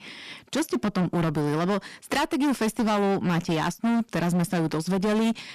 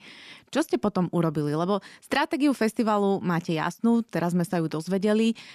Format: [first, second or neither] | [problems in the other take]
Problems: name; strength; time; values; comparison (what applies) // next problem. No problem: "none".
second | distortion; heavy; 23% of the sound clipped